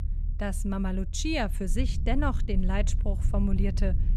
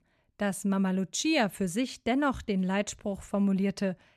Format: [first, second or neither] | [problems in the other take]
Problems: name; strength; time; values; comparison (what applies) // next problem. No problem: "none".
second | low rumble; noticeable; throughout; 15 dB below the speech